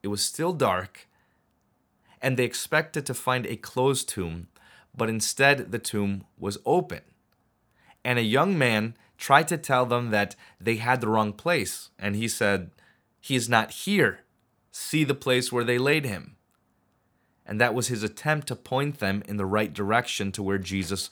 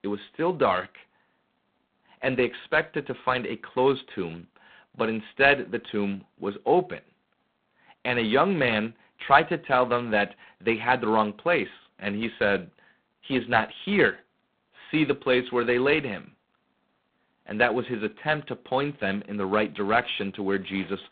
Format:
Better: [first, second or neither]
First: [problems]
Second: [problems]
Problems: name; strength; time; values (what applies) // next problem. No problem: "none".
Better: first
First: none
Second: phone-call audio; poor line; nothing above 4 kHz